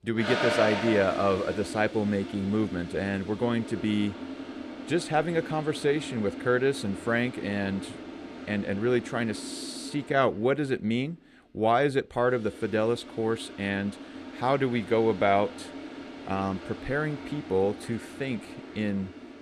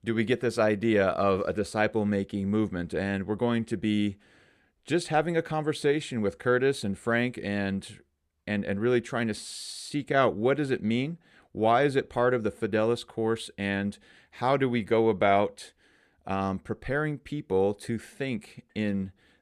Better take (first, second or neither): second